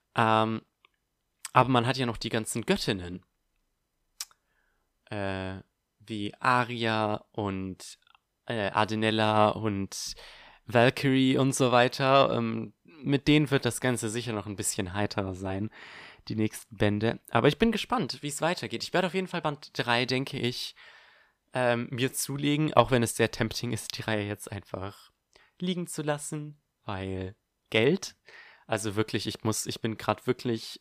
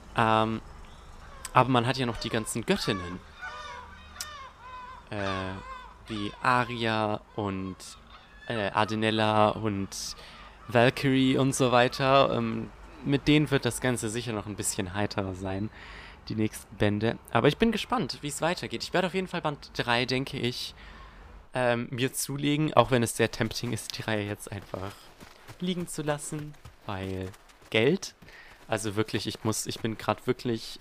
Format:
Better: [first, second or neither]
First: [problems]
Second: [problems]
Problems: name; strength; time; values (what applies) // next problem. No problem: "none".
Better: first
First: none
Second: animal sounds; noticeable; throughout; 20 dB below the speech